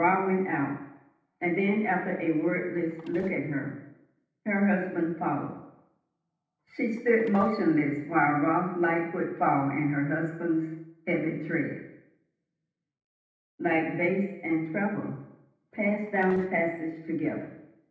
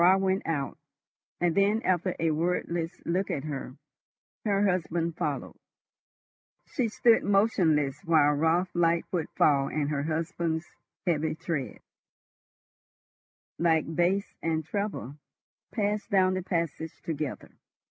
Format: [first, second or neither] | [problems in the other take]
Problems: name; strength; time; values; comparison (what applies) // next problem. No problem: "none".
second | noise reduction (neural separator model SepFormer DNS4)